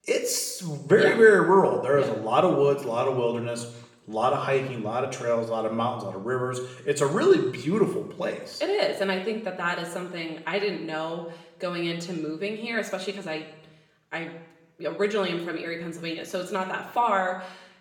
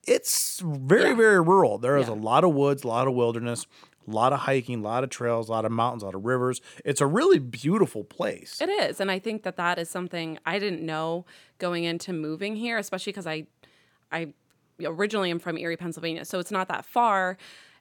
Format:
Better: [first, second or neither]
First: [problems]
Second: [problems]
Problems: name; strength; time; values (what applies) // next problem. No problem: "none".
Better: second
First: room echo; slight; dies away in 0.8 s // off-mic speech; somewhat distant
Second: none